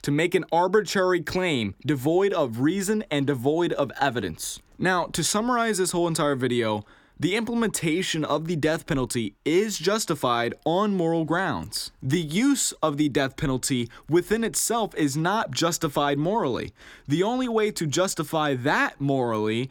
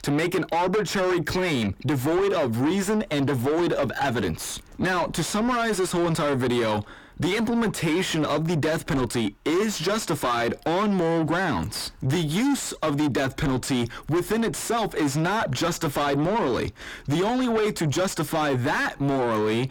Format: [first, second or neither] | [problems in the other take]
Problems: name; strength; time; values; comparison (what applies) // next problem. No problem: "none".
first | distortion; heavy; 6 dB below the speech